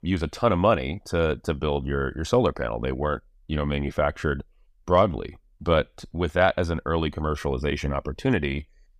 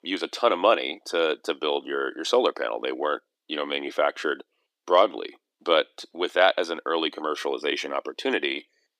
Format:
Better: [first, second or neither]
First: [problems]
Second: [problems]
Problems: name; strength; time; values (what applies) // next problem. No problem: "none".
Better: first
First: none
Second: thin; somewhat; fading below 300 Hz